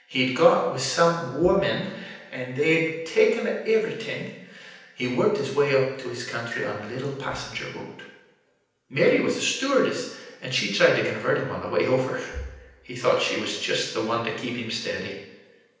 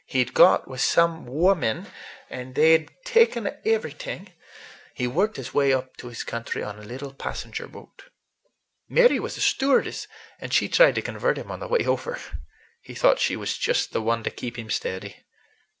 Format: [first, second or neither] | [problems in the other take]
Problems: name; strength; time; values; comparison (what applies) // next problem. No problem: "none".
second | room echo; dies away in 0.9 s